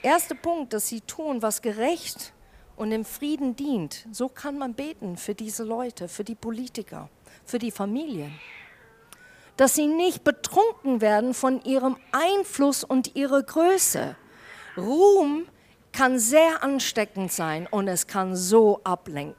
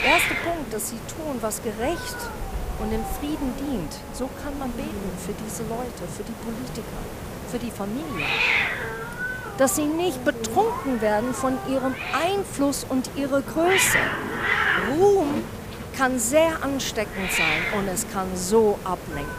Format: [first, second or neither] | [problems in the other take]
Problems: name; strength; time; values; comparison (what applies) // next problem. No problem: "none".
first | hiss; loud; throughout; 2 dB below the speech; faint in the first